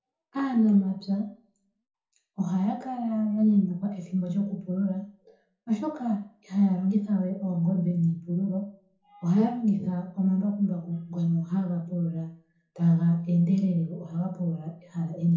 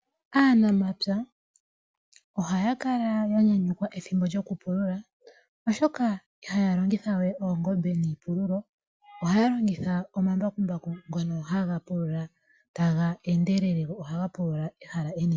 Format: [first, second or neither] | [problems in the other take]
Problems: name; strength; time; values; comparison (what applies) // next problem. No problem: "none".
second | room echo; dies away in 0.6 s